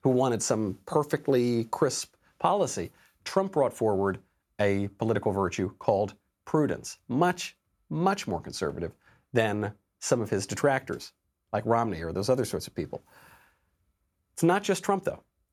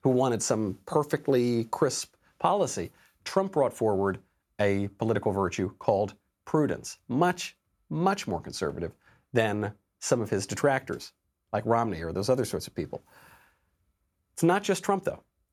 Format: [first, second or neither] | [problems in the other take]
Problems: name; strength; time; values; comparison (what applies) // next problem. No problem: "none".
neither | none